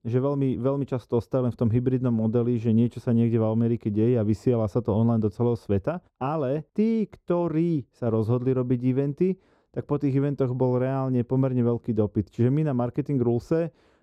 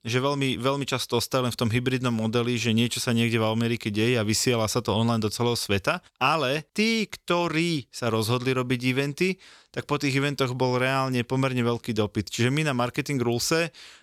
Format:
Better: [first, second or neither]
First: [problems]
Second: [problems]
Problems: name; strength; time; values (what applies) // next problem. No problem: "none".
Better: second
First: muffled; very; fading above 1.5 kHz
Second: none